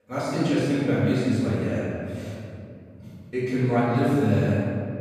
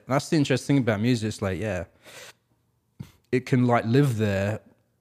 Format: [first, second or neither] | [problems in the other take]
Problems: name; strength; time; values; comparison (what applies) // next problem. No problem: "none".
second | off-mic speech; far // room echo; strong; dies away in 2.6 s